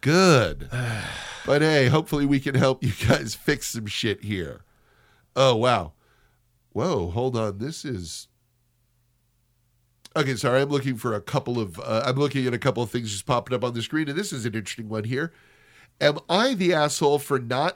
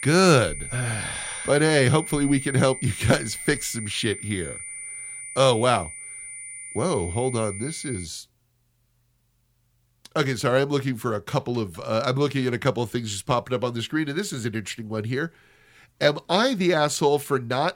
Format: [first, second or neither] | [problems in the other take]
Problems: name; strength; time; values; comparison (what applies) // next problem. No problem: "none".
first | high-pitched whine; loud; until 8 s; 9 kHz, 10 dB below the speech